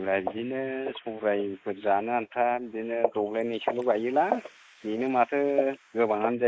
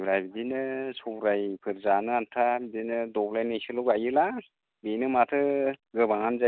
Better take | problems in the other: second | noise reduction (neural mask model Resemble Enhance denoiser)

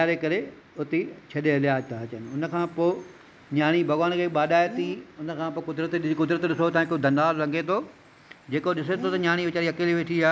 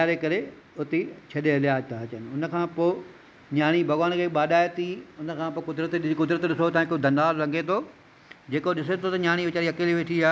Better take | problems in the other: second | background sound (Bird); 20 dB below the speech

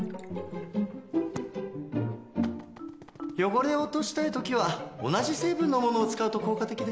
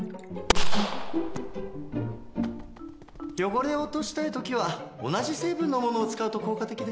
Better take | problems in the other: first | background sound (Gunshot, gunfire); 4 dB above the speech

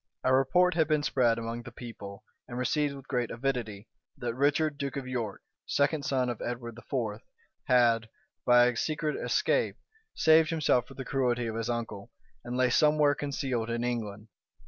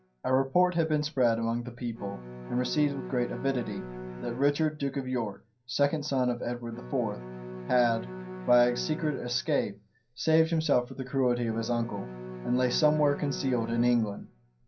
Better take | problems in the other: first | background sound (Bowed string instrument); 13 dB below the speech // room echo; dies away in 0.3 s

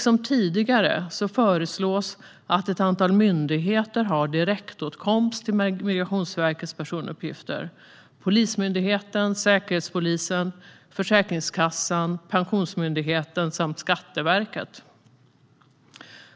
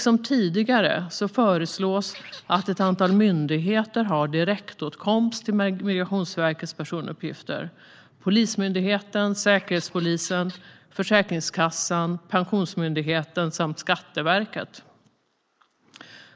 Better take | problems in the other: first | noise reduction (neural mask model Resemble Enhance denoiser)

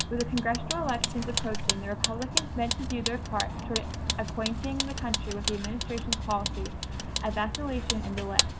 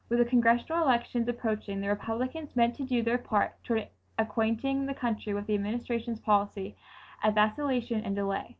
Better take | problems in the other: second | background sound (Vehicle); 2 dB above the speech

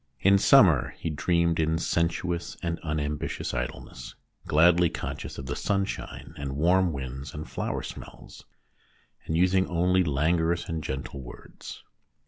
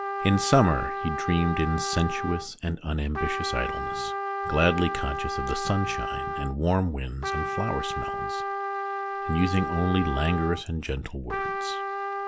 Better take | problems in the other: first | background sound (Trumpet); 4 dB below the speech

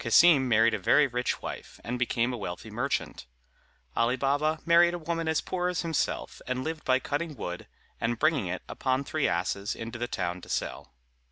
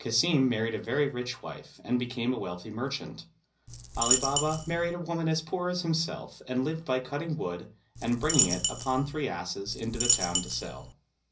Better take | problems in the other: first | background sound (Coin (dropping)); as loud as the speech // room echo; dies away in 0.5 s

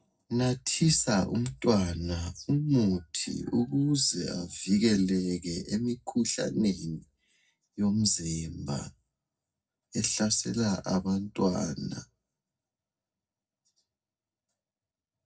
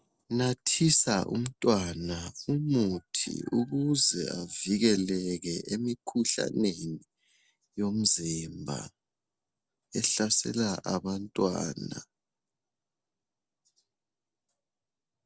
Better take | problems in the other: second | room echo; dies away in 0.4 s

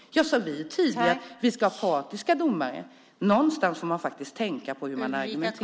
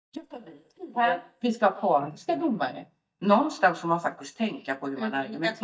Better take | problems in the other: first | noise reduction (neural mask model DeepFilterNet 3)

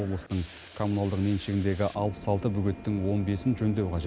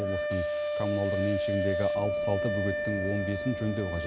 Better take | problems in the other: first | background sound (Wind instrument, woodwind instrument); 1 dB above the speech

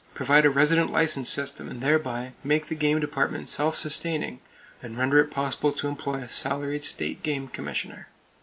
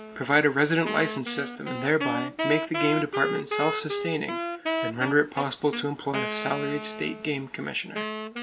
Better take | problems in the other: first | background sound (Wind instrument, woodwind instrument); 4 dB below the speech

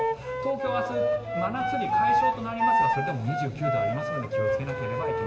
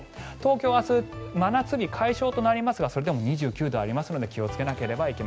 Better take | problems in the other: second | background sound (Wind instrument, woodwind instrument); 5 dB above the speech // room echo; dies away in 2.6 s

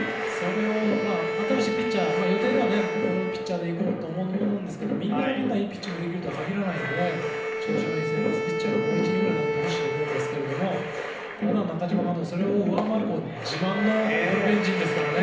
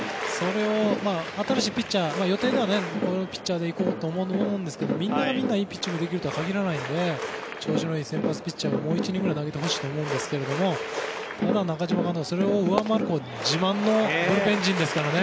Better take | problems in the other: second | background sound (Bowed string instrument); 4 dB below the speech // room echo; dies away in 0.8 s

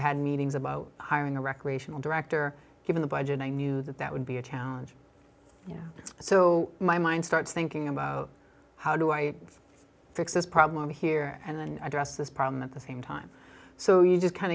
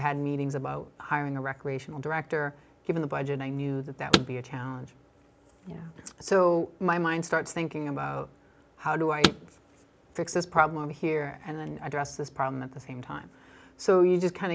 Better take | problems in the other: first | background sound (Car); 4 dB below the speech

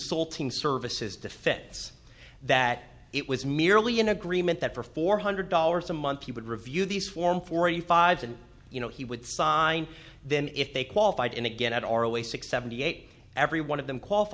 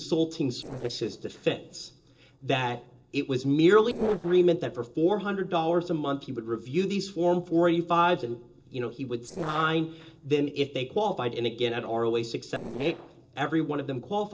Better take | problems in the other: first | noise reduction (neural separator model SepFormer DNS4)

